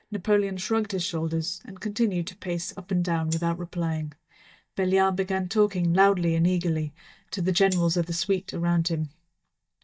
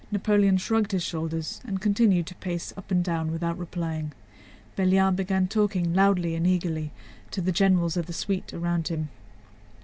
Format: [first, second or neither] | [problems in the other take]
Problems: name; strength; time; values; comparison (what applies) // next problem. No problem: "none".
second | noise reduction (neural mask model DeepFilterNet 3)